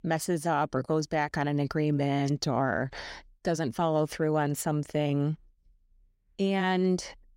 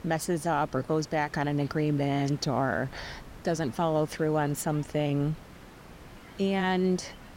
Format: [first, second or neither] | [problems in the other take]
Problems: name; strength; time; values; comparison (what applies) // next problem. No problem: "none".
first | hiss; noticeable; throughout; 20 dB below the speech